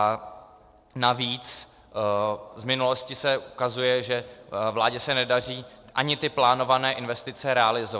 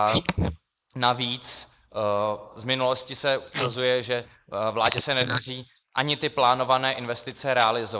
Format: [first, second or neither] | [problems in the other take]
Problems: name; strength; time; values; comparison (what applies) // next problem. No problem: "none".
first | noise reduction (neural mask model Resemble Enhance denoiser)